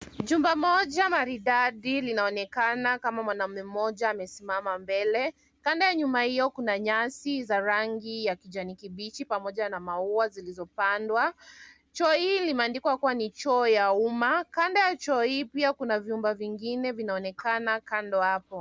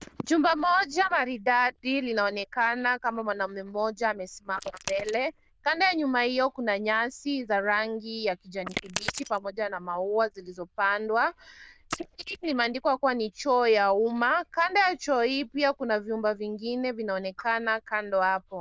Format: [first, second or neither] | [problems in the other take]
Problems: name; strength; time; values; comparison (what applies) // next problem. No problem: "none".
first | noise reduction (neural diffusion model UNIVERSE++)